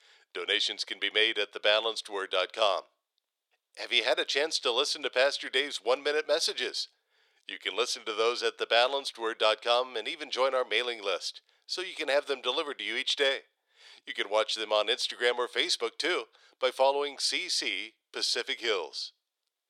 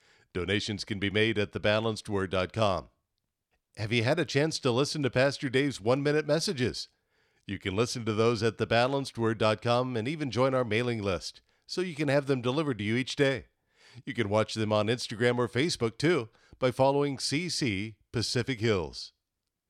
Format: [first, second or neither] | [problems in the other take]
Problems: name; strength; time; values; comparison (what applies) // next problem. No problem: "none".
second | thin; very; fading below 450 Hz